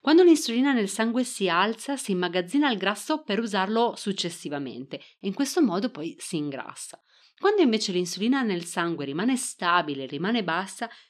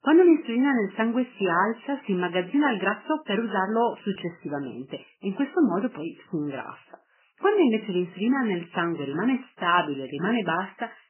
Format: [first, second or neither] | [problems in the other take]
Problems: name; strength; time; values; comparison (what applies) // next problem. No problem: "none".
first | garbled, watery; badly; nothing above 3 kHz